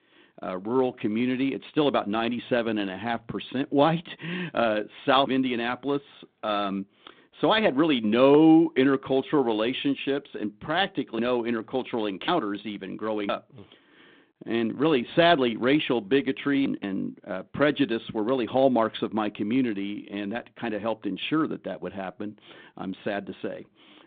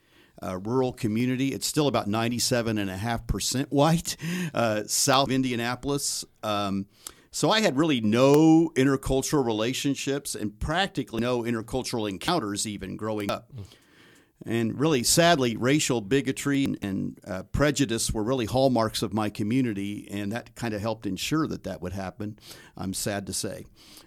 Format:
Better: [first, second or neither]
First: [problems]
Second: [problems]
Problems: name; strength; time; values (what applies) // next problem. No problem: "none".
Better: second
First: phone-call audio; nothing above 3.5 kHz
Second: none